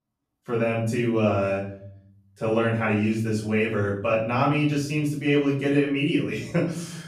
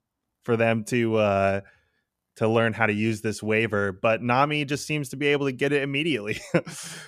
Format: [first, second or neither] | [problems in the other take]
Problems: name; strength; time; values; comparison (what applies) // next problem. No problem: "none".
second | off-mic speech; far // room echo; noticeable; dies away in 0.6 s